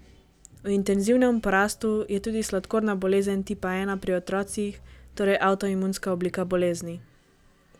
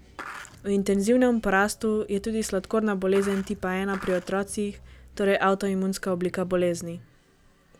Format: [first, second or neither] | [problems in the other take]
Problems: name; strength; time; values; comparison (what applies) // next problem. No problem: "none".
first | background sound (Skateboard); 15 dB below the speech